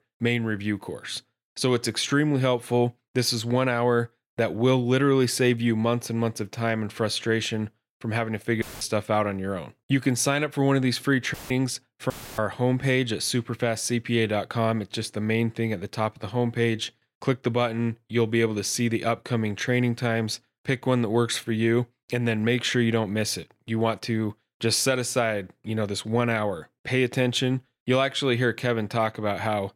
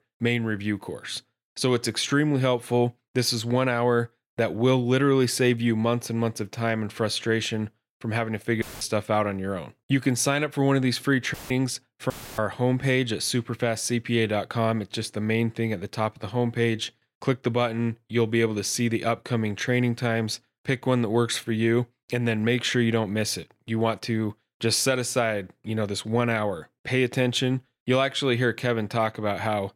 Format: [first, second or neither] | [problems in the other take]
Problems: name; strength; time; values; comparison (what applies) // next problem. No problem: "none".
neither | audio cutting out; filled with static; at 8.5 s, at 11 s and at 12 s; the same in both